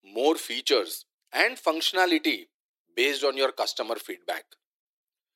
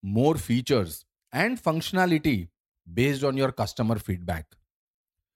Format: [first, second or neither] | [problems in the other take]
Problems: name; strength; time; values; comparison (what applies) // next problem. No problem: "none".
second | thin; very; fading below 300 Hz